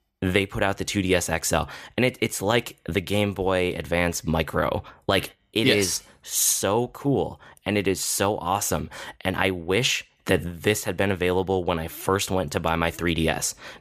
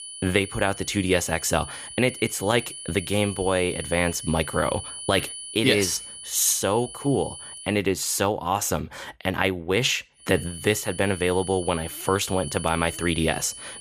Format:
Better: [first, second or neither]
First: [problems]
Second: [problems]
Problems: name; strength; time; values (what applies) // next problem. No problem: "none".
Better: first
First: none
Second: high-pitched whine; noticeable; until 7.5 s and from 10 s on; 9.5 kHz, 10 dB below the speech